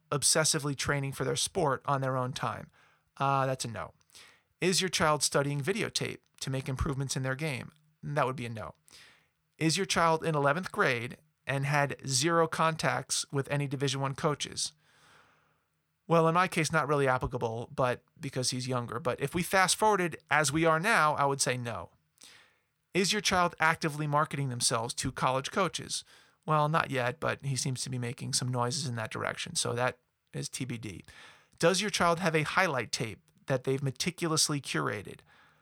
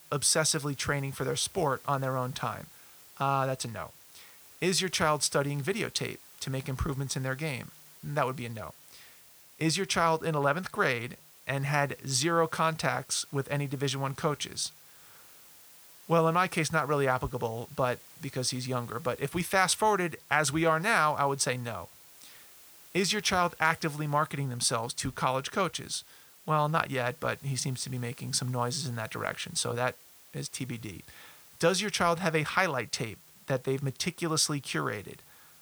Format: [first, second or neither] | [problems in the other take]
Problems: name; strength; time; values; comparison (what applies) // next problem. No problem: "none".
first | hiss; faint; throughout; 20 dB below the speech